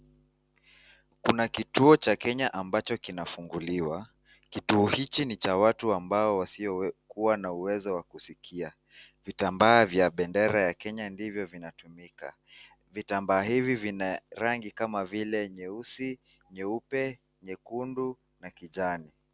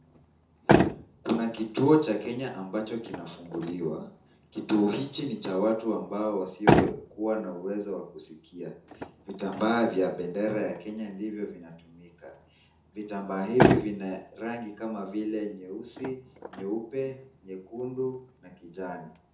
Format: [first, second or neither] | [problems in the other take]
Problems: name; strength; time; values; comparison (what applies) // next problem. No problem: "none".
first | background sound (Motor vehicle (road)); 1 dB below the speech // room echo; dies away in 0.5 s